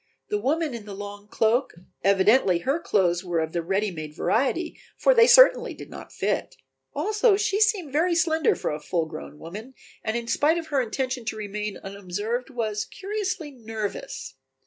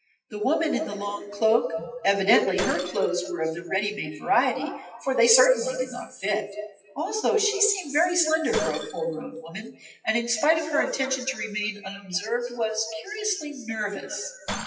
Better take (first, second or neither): first